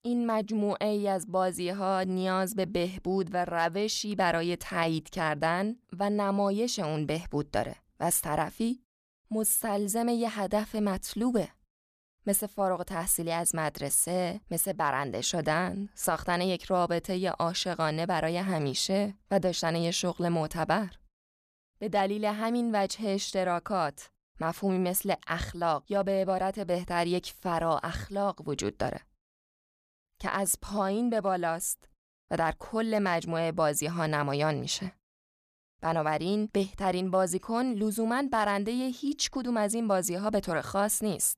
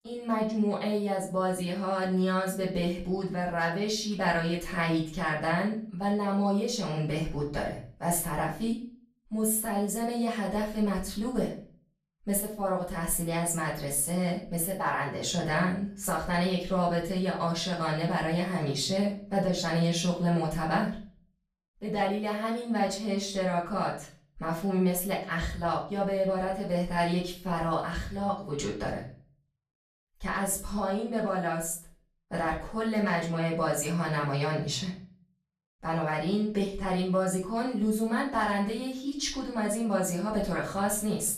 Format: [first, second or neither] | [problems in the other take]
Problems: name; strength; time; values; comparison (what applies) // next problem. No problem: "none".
first | room echo; slight; dies away in 0.4 s // off-mic speech; far